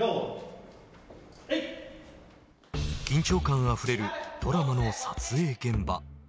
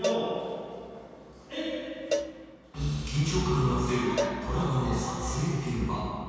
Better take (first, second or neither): first